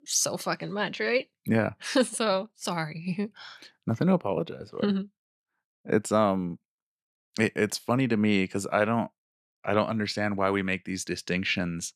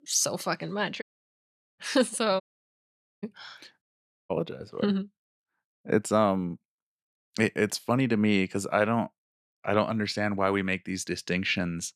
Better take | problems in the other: first | audio cutting out; at 1 s for 1 s, at 2.5 s for 1 s and at 4 s

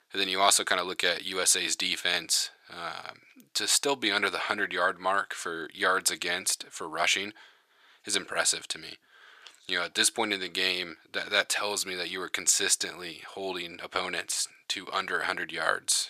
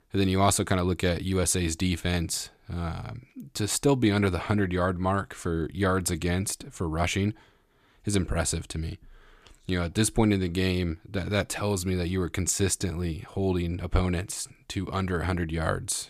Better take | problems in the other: second | thin; very; fading below 600 Hz

